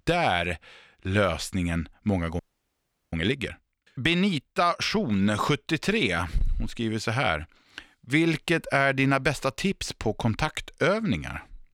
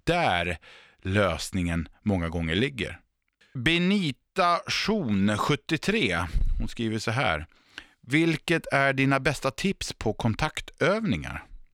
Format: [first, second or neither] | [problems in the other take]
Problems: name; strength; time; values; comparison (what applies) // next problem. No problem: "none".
second | audio freezing; at 2.5 s for 0.5 s